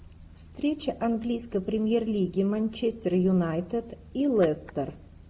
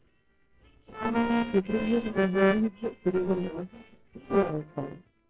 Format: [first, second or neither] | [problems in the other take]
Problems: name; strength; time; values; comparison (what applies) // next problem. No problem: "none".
first | noise reduction (neural separator model SepFormer WHAMR!)